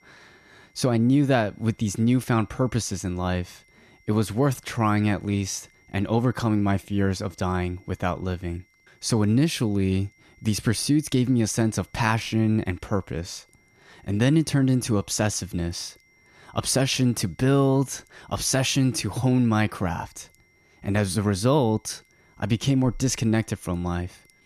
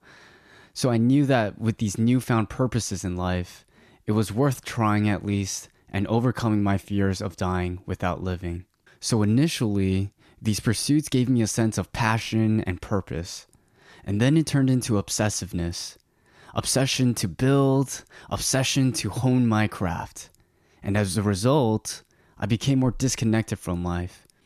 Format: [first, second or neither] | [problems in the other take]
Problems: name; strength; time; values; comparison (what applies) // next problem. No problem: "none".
second | high-pitched whine; faint; throughout; 2 kHz, 35 dB below the speech